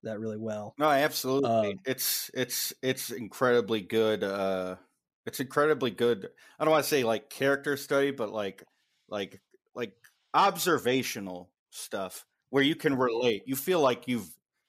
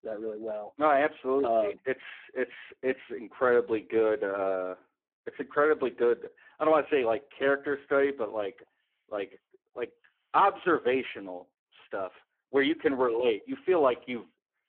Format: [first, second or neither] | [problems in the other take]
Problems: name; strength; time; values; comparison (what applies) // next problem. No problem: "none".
first | phone-call audio; poor line